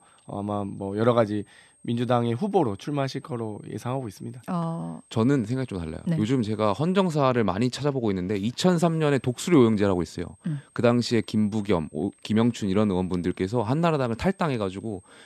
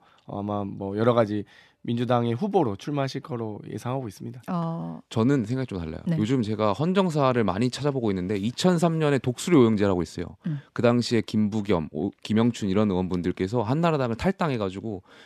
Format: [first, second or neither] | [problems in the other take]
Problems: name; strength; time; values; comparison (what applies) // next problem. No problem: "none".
second | high-pitched whine; faint; until 7 s and from 9 s on; 8.5 kHz, 30 dB below the speech